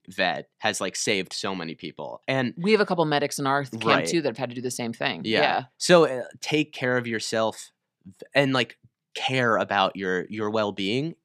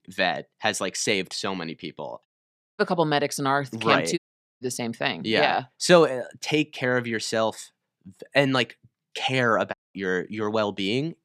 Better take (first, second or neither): first